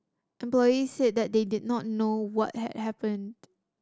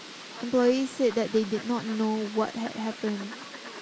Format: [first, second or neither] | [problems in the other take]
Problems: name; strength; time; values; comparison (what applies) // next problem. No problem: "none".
first | background sound (Fowl); 14 dB below the speech